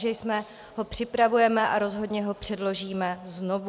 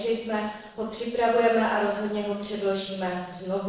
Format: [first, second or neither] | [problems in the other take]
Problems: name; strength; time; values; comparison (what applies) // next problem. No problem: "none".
first | noise reduction (neural separator model SepFormer DNS4)